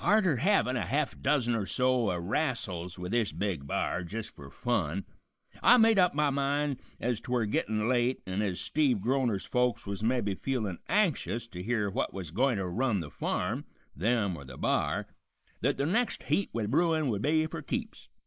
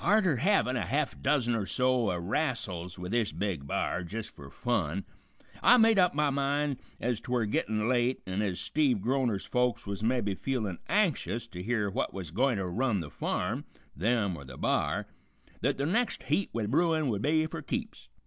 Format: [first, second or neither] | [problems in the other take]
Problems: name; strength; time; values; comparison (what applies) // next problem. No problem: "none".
second | noise reduction (neural mask model Resemble Enhance denoiser)